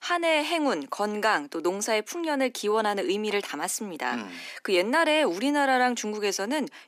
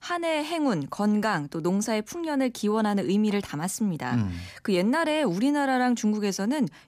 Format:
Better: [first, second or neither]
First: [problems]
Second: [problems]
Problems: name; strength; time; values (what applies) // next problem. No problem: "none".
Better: second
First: thin; somewhat; fading below 300 Hz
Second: none